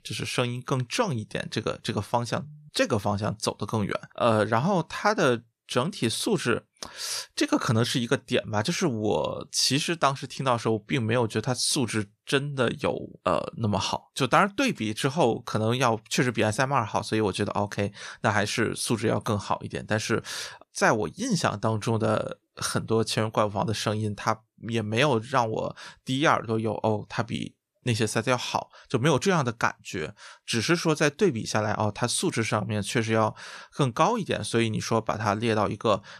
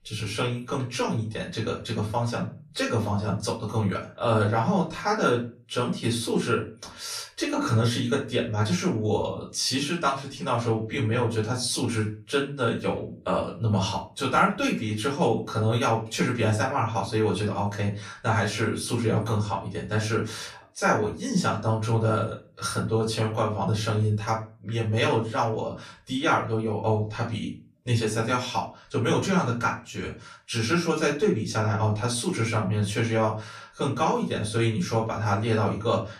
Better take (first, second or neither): first